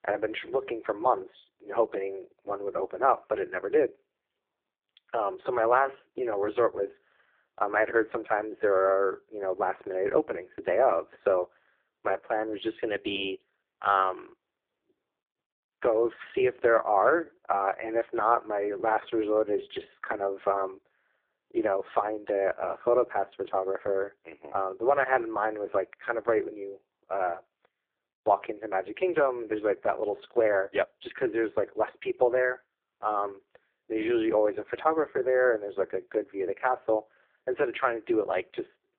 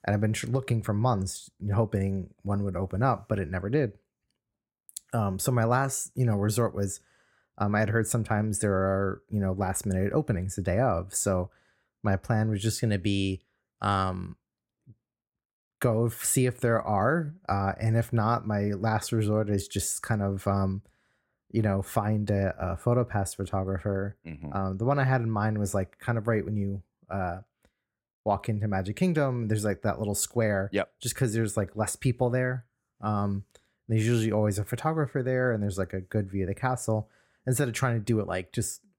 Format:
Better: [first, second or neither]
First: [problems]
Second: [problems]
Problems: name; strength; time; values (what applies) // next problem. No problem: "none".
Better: second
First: phone-call audio; poor line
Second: none